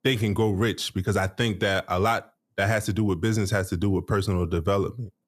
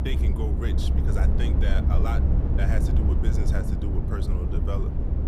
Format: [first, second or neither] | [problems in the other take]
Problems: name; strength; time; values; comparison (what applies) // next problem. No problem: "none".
first | low rumble; loud; throughout; 1 dB below the speech